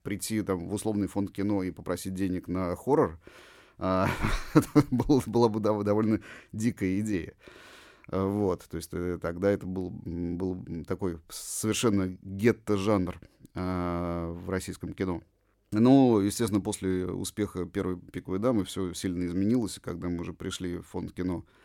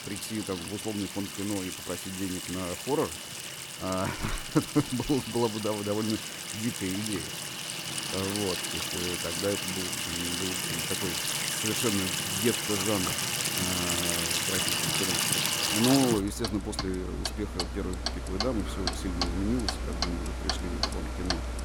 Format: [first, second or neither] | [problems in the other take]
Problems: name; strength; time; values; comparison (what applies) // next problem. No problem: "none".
first | household noises; very loud; throughout; 3 dB above the speech